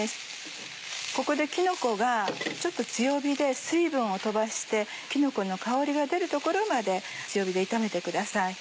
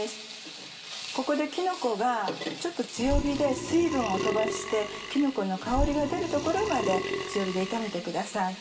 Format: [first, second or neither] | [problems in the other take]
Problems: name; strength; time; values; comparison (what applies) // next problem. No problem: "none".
first | background sound (Burping, eructation); 4 dB below the speech // room echo; dies away in 2.8 s